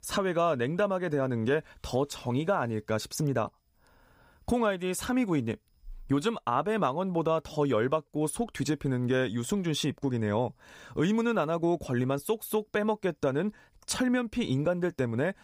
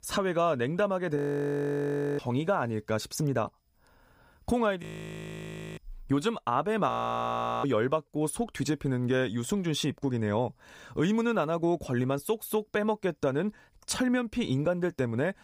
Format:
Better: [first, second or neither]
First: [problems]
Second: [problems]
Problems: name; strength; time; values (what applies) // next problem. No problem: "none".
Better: first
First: none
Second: audio freezing; at 1 s for 1 s, at 5 s for 1 s and at 7 s for 1 s